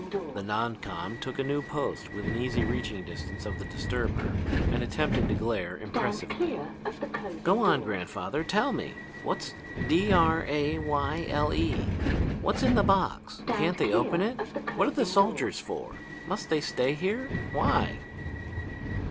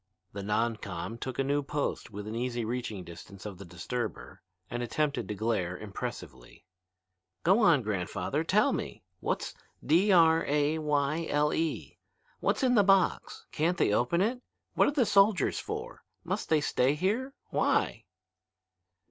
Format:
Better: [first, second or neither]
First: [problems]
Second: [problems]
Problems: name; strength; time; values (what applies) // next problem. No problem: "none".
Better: second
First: background sound (Subway, metro, underground); 2 dB below the speech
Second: none